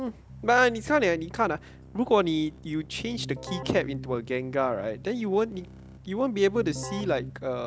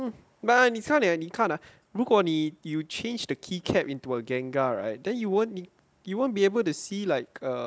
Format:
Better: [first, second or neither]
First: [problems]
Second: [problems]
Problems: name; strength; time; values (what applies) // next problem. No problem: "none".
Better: second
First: background sound (Keyboard (musical)); 14 dB below the speech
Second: none